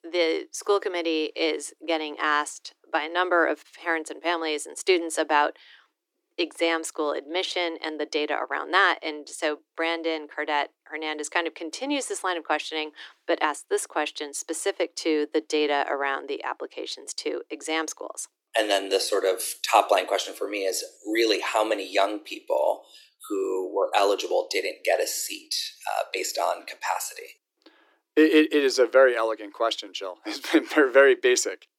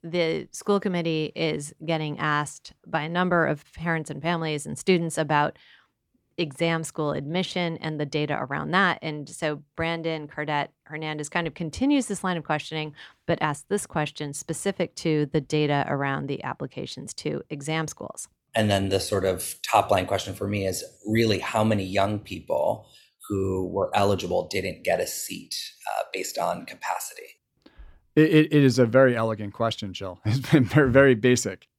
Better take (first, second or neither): second